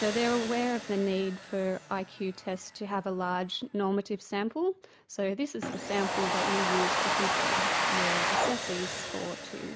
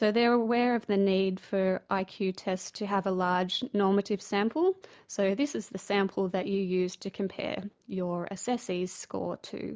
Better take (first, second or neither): second